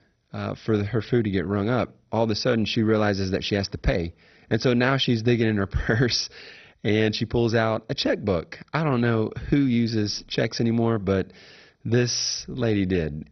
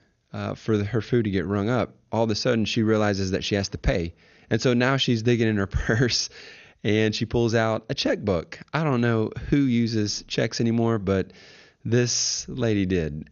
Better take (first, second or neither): second